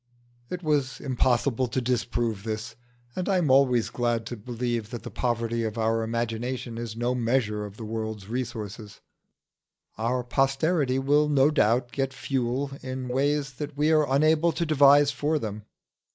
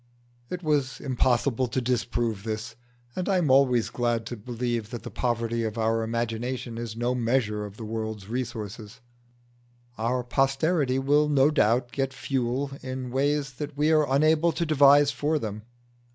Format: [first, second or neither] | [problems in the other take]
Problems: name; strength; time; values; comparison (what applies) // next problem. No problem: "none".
second | noise reduction (neural mask model Resemble Enhance denoiser)